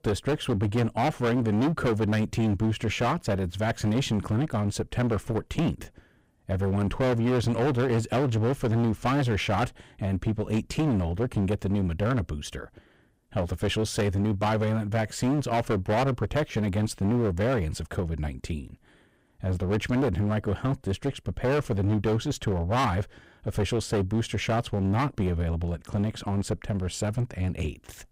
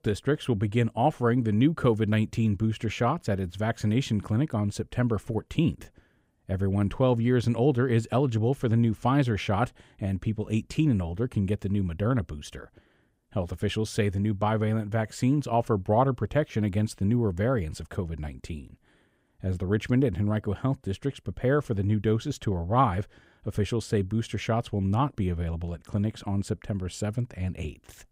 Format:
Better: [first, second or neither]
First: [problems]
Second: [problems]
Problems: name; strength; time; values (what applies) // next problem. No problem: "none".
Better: second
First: distortion; heavy; 19% of the sound clipped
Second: none